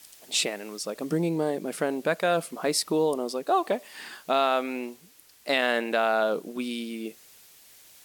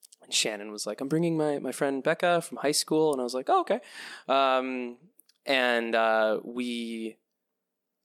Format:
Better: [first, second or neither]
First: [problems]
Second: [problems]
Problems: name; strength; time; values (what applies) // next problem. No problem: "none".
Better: second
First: hiss; faint; throughout; 25 dB below the speech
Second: none